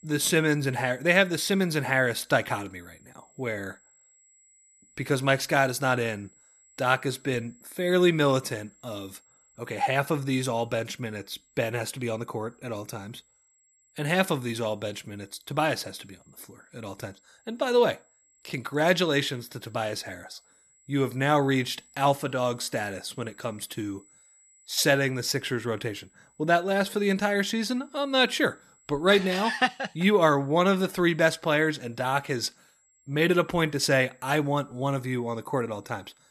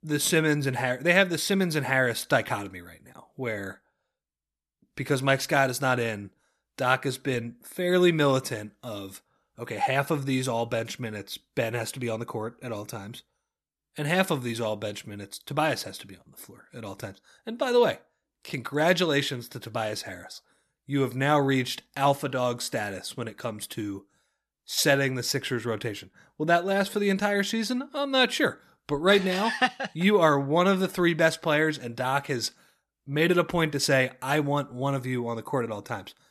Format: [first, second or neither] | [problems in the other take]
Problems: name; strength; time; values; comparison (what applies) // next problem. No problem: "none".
second | high-pitched whine; faint; throughout; 7.5 kHz, 35 dB below the speech